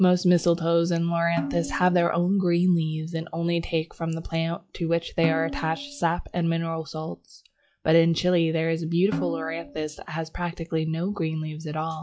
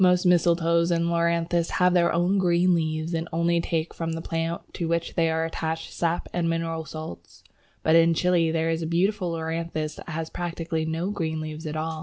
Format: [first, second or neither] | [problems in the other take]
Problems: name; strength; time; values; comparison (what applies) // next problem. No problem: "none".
second | noise reduction (classical method log-MMSE)